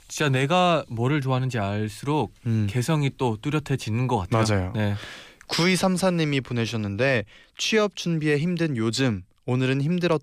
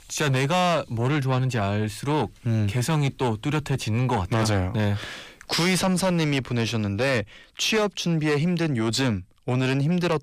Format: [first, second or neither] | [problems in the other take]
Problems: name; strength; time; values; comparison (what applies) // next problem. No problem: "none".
first | distortion; slight; 10 dB below the speech